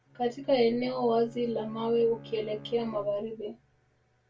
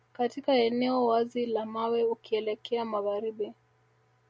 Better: second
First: background sound (Bowed string instrument); 19 dB below the speech // room echo; dies away in 0.2 s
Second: none

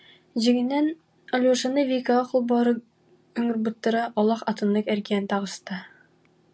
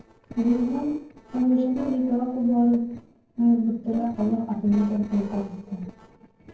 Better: first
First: none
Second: noise reduction (neural separator model SepFormer DNS4)

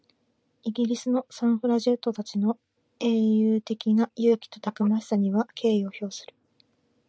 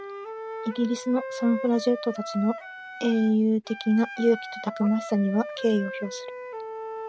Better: first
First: none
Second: background sound (Wind instrument, woodwind instrument); 10 dB below the speech

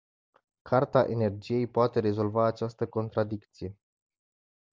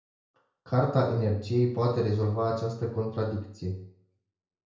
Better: first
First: none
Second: room echo; dies away in 0.5 s

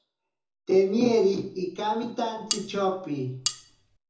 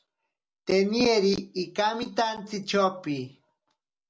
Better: second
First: background sound (Cutlery, silverware); 7 dB below the speech // room echo; dies away in 0.6 s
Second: none

